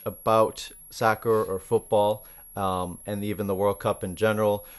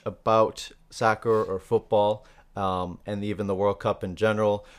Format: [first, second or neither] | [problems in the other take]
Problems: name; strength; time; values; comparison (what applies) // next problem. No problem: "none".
second | high-pitched whine; noticeable; throughout; 11 kHz, 20 dB below the speech